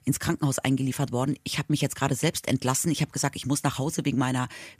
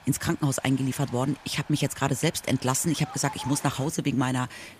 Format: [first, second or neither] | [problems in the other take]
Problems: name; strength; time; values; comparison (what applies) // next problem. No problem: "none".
first | rain or running water; noticeable; throughout; 20 dB below the speech